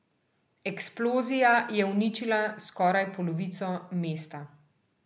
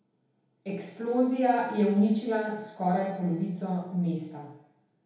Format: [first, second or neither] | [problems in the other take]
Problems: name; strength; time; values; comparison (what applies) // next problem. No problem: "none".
first | room echo; dies away in 2 s